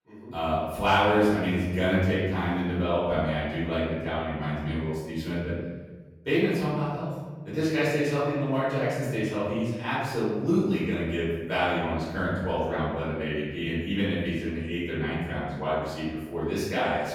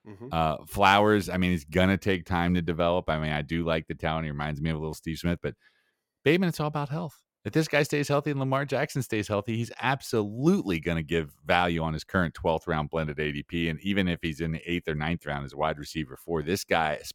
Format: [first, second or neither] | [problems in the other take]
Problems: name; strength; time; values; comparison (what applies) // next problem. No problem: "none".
second | off-mic speech; far // room echo; strong; dies away in 1.2 s